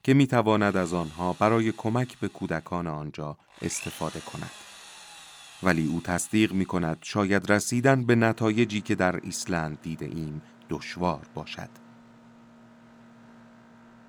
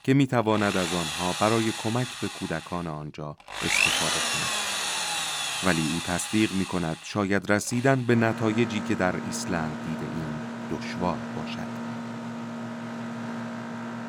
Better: first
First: machinery noise; faint; throughout; 20 dB below the speech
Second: machinery noise; loud; throughout; 2 dB below the speech

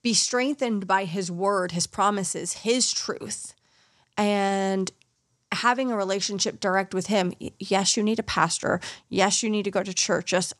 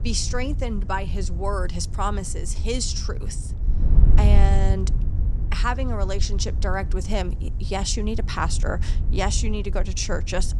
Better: first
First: none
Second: wind noise on the microphone; occasional gusts; 15 dB below the speech

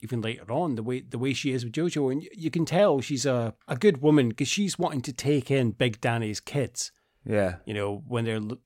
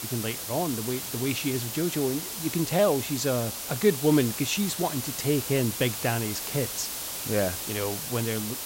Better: first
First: none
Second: hiss; loud; throughout; 4 dB below the speech

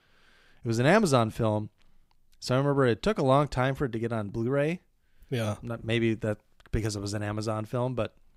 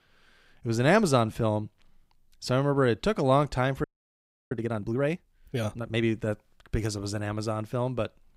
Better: first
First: none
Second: audio freezing; at 4 s for 0.5 s

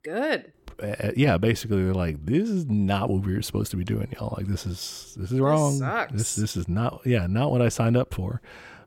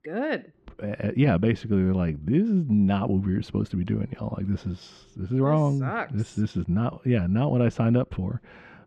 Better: first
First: none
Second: muffled; slightly; fading above 3 kHz

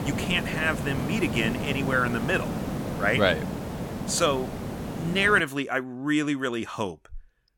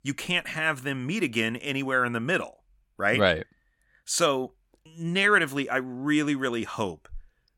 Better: second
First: hiss; loud; until 5.5 s; 6 dB below the speech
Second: none

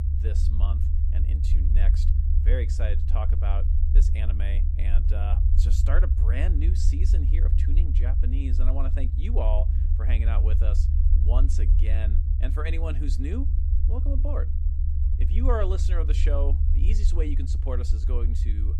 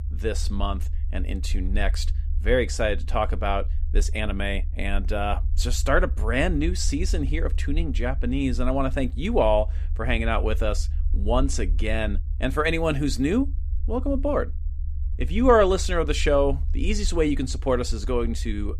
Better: second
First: low rumble; loud; throughout; 6 dB below the speech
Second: low rumble; faint; throughout; 25 dB below the speech

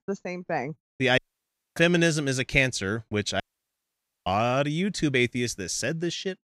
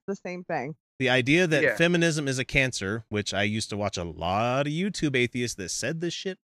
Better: second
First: audio cutting out; at 1 s for 0.5 s and at 3.5 s for 1 s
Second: none

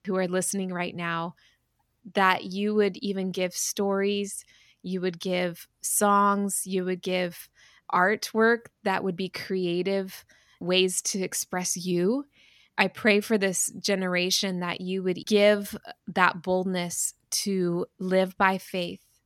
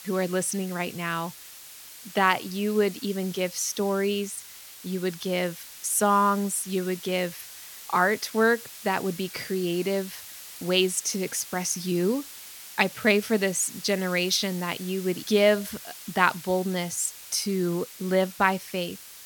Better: first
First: none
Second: hiss; noticeable; throughout; 15 dB below the speech

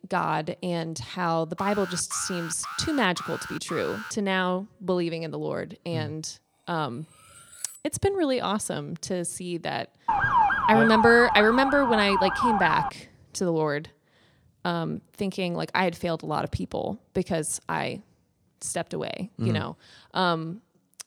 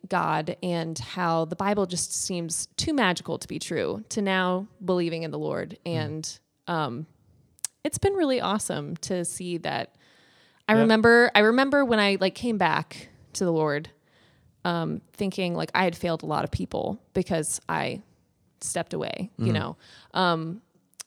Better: second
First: alarm; noticeable; from 1.5 to 4 s; peak 9 dB below the speech // clattering dishes; faint; from 7 to 8 s; peak 15 dB below the speech // siren; loud; from 10 to 13 s; peak 6 dB above the speech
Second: none

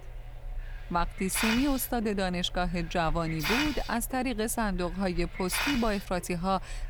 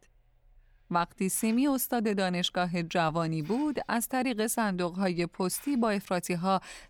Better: second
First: hiss; loud; throughout; 5 dB below the speech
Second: hiss; faint; throughout; 30 dB below the speech

